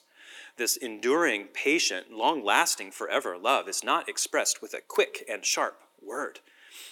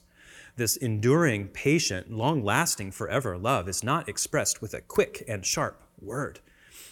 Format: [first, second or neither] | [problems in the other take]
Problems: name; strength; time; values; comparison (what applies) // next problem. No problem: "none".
second | thin; somewhat; fading below 300 Hz